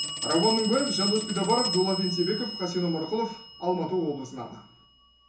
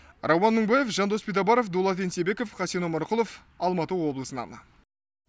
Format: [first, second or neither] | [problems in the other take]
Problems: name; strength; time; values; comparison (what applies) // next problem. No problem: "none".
second | background sound (Telephone); 6 dB below the speech // room echo; dies away in 0.7 s